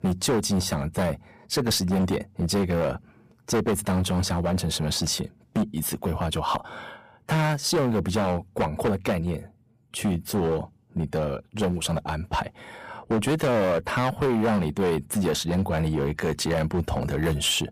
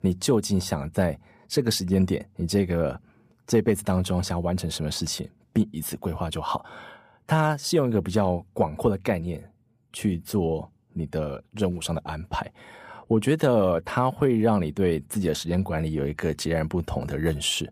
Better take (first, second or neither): second